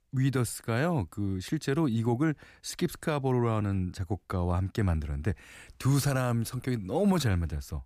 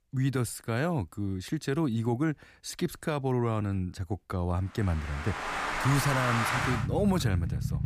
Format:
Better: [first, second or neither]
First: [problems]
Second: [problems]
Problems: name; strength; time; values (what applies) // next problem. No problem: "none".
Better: first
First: none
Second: traffic noise; loud; from 5.5 s on; 1 dB below the speech